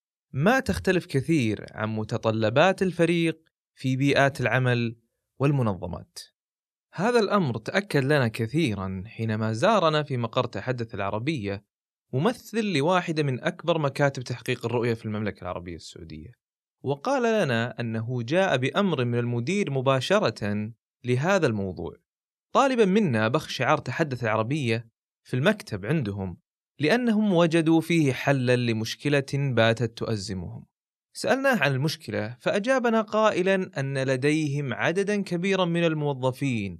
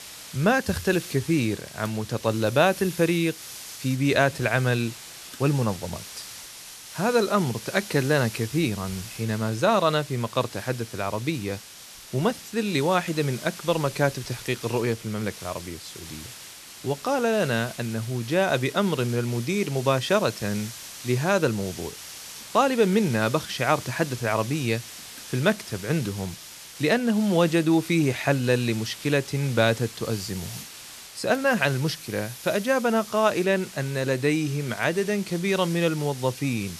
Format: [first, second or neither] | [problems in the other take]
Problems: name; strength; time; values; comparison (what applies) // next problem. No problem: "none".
first | hiss; noticeable; throughout; 15 dB below the speech